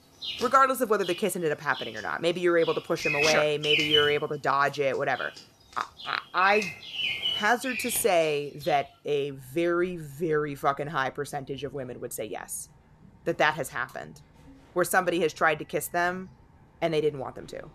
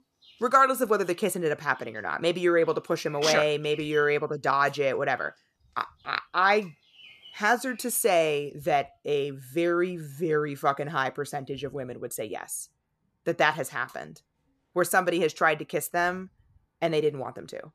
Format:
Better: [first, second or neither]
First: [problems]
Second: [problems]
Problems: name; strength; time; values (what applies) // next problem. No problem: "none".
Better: second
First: animal sounds; loud; throughout; 3 dB below the speech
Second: animal sounds; faint; throughout; 25 dB below the speech